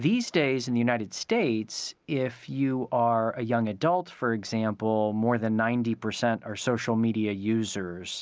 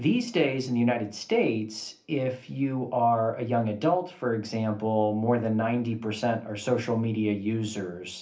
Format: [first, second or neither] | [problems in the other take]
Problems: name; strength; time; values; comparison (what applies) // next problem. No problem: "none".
first | room echo; dies away in 0.3 s